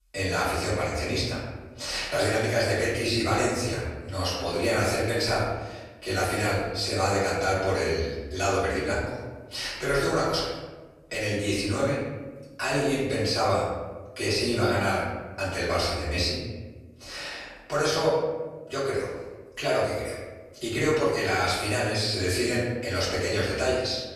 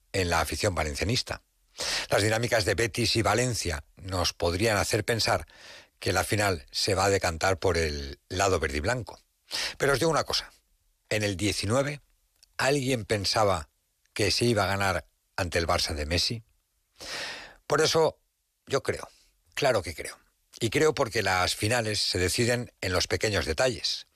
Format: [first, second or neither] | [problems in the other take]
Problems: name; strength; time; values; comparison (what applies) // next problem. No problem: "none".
second | off-mic speech; far // room echo; noticeable; dies away in 1.1 s